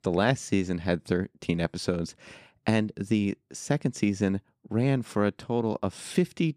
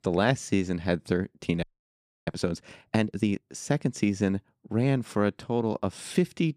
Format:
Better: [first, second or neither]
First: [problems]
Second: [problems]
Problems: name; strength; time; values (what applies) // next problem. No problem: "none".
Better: first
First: none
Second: audio freezing; at 1.5 s for 0.5 s